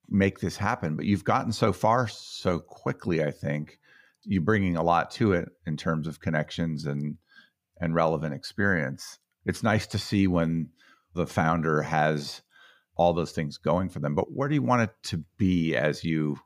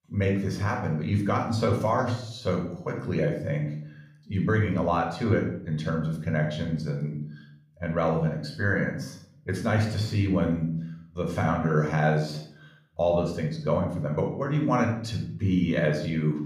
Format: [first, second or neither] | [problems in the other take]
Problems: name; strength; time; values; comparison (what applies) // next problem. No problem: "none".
first | off-mic speech; somewhat distant // room echo; noticeable; dies away in 0.6 s